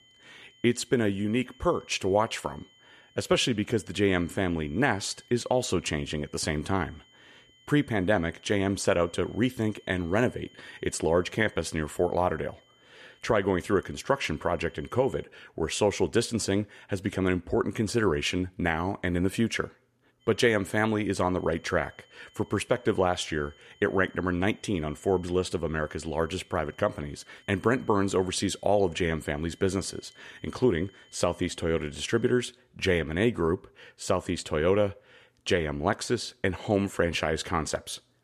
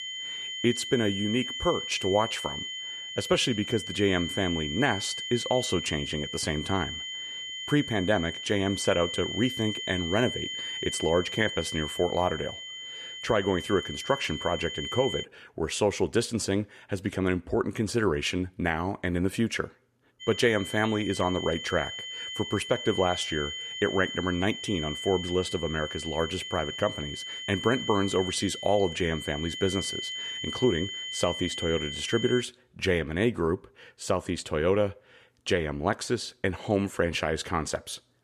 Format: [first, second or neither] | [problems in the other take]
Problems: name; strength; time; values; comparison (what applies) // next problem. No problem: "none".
first | high-pitched whine; loud; until 15 s and from 20 to 32 s; 3 kHz, 6 dB below the speech; faint in the first